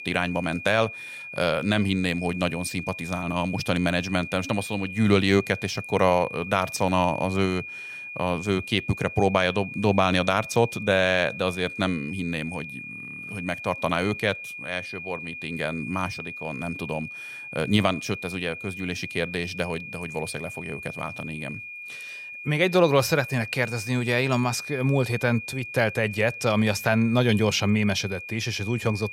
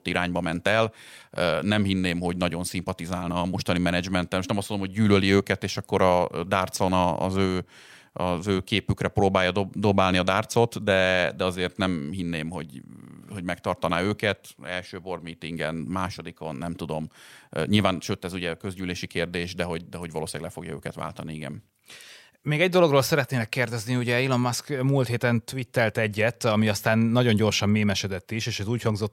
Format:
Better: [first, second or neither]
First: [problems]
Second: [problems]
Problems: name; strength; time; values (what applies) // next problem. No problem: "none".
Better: second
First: high-pitched whine; noticeable; throughout; 2.5 kHz, 10 dB below the speech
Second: none